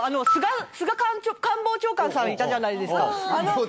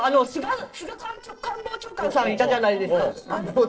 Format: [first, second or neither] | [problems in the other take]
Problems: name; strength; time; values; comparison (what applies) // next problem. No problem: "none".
first | noise reduction (neural separator model SepFormer DNS4)